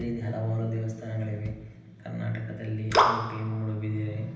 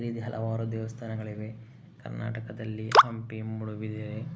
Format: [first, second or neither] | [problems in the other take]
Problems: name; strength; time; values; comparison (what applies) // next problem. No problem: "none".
second | background sound (Bass drum); 20 dB below the speech // room echo; dies away in 0.9 s